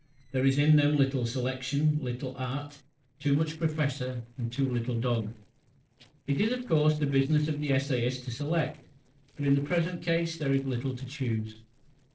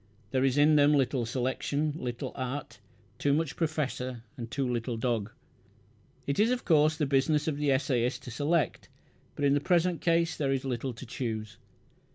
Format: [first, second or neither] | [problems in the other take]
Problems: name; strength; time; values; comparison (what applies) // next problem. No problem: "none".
second | noise reduction (neural separator model SepFormer DNS4)